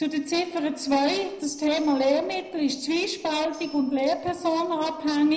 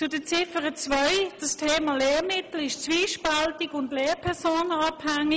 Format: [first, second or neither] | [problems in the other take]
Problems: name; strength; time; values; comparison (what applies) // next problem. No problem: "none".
second | noise reduction (neural separator model SepFormer DNS4)